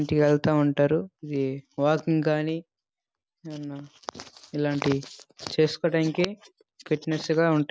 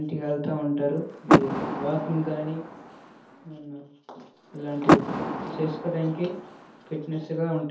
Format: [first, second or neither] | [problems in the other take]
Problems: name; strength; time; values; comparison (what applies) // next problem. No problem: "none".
first | background sound (Door / Car); 3 dB above the speech // room echo; dies away in 0.5 s